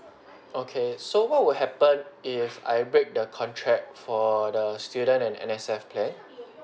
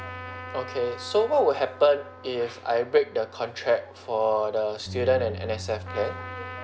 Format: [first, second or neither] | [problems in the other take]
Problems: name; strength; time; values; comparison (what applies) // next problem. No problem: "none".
first | background sound (Bass guitar + Trumpet); 13 dB below the speech